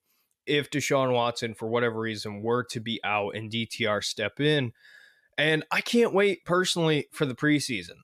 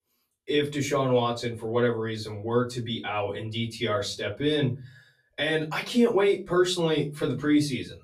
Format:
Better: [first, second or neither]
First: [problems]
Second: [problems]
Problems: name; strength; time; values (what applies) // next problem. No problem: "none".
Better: first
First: none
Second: off-mic speech; far // room echo; very slight; dies away in 0.3 s